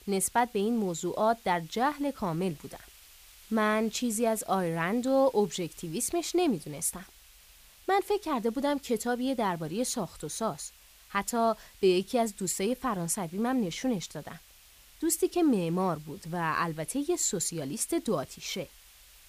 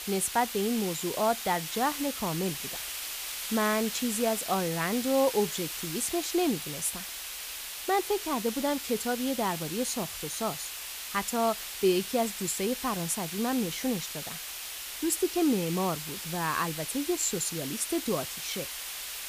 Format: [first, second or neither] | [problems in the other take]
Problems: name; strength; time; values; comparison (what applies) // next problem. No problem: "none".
first | hiss; loud; throughout; 5 dB below the speech; faint in the first